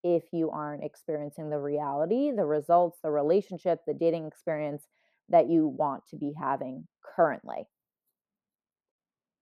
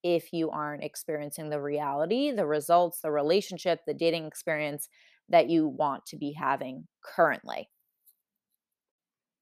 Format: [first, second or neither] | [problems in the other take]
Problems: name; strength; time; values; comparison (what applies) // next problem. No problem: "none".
second | muffled; very; fading above 1.5 kHz